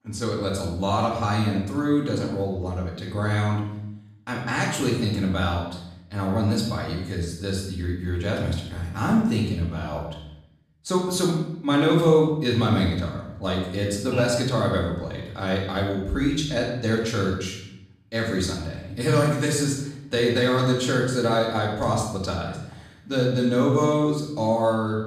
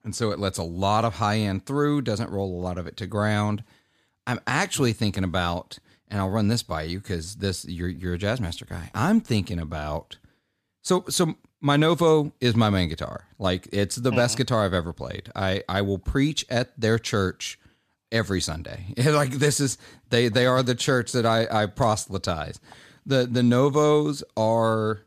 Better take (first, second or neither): second